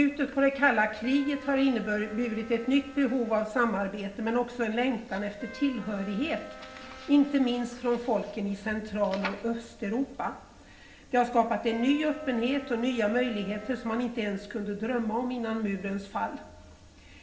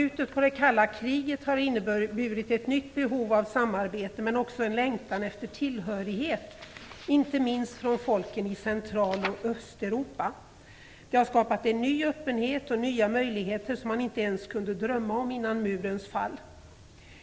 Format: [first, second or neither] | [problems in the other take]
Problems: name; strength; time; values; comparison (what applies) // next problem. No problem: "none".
second | background sound (Wind instrument, woodwind instrument); 19 dB below the speech // room echo; dies away in 1.7 s